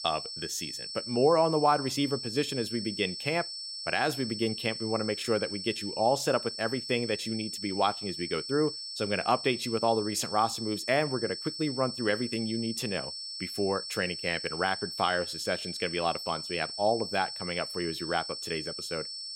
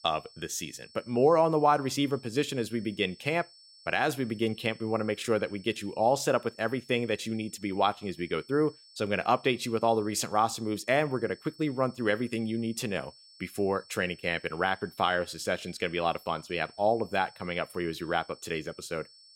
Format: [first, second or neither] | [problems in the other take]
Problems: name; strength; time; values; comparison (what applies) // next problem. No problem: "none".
second | high-pitched whine; loud; throughout; 5.5 kHz, 6 dB below the speech; faint in the second